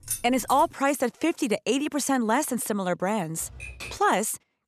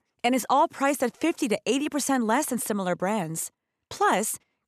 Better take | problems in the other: second | jangling keys; noticeable; at the start; peak 6 dB below the speech // keyboard typing; faint; at 3.5 s; peak 10 dB below the speech

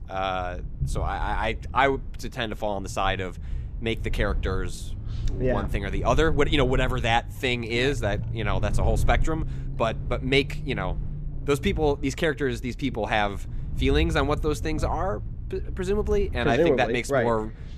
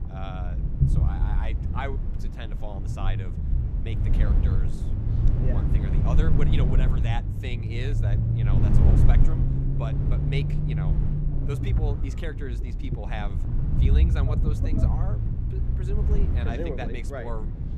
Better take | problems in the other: first | low rumble; loud; throughout; as loud as the speech; faint in the first

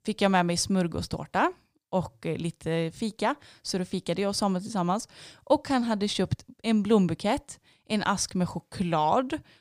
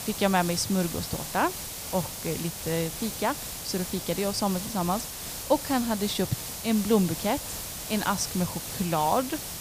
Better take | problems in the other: first | hiss; loud; throughout; 6 dB below the speech

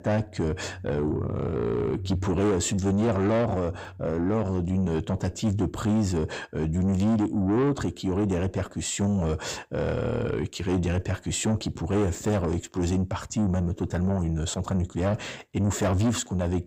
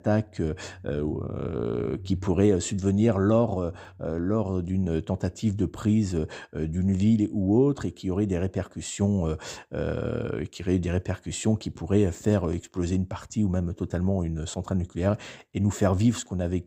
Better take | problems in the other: second | distortion; heavy; 7 dB below the speech

